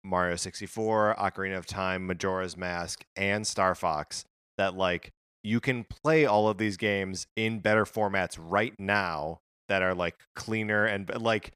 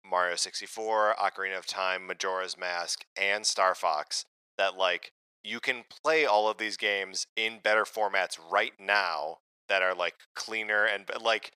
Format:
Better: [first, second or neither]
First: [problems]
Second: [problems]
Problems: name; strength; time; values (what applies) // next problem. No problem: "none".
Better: first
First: none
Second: thin; very; fading below 650 Hz